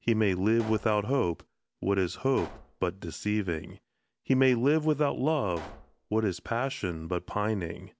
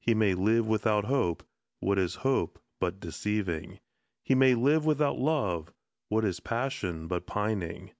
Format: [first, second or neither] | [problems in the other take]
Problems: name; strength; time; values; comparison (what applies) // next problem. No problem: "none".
second | background sound (Explosion); 19 dB below the speech